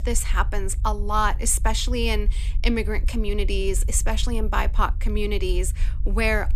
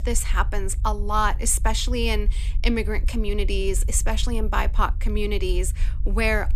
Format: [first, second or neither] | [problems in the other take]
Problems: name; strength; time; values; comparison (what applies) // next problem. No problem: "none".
neither | low rumble; faint; throughout; 25 dB below the speech; the same in both